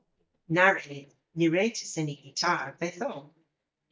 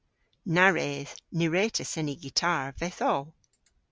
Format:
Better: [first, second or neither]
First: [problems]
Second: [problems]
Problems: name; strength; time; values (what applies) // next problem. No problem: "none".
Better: second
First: noise reduction (neural mask model DeepFilterNet 3)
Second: none